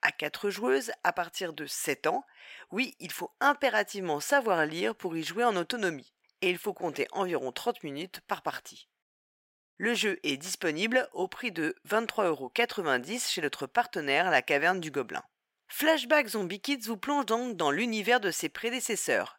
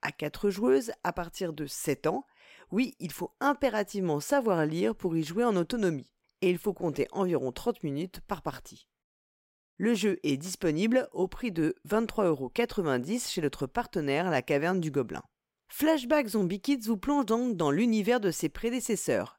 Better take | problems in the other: second | thin; somewhat; fading below 1 kHz

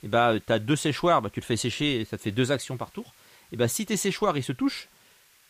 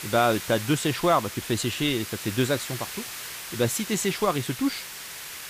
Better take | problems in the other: first | hiss; loud; throughout; 9 dB below the speech; faint in the first

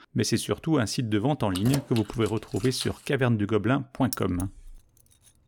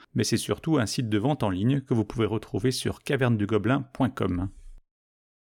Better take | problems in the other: second | jangling keys; noticeable; from 1.5 to 3 s and at 4 s; peak 8 dB below the speech

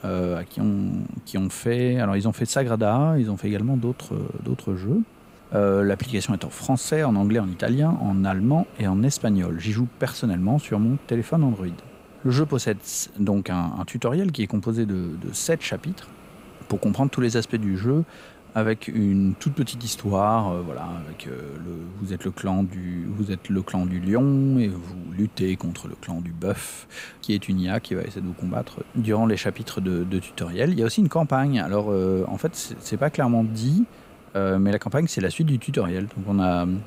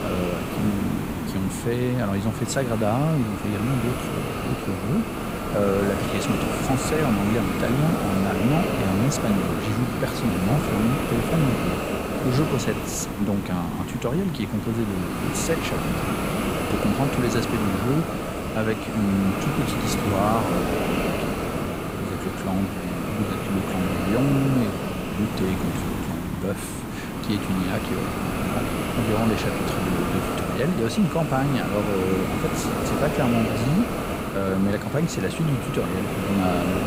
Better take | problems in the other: first | hiss; loud; throughout; 1 dB below the speech; faint in the first

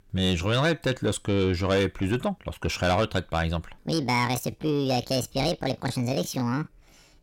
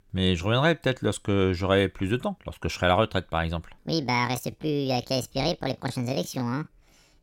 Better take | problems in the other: second | distortion; slight; 10 dB below the speech

